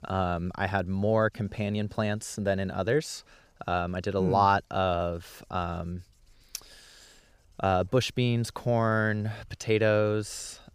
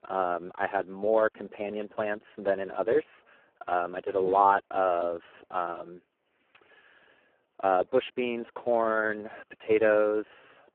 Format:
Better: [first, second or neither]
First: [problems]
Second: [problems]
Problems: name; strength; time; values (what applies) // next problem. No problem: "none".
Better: first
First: none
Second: phone-call audio; poor line